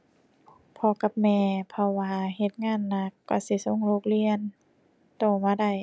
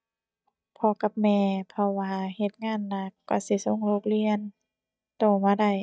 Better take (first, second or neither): first